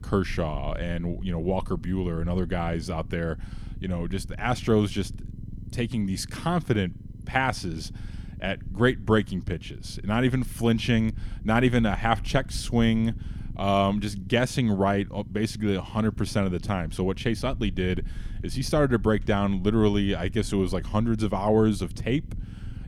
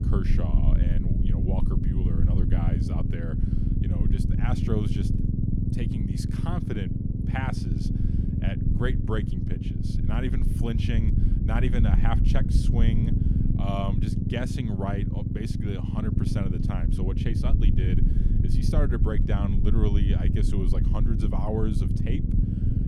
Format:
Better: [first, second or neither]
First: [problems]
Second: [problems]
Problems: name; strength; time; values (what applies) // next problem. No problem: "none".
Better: first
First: low rumble; faint; throughout; 25 dB below the speech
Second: low rumble; loud; throughout; 1 dB below the speech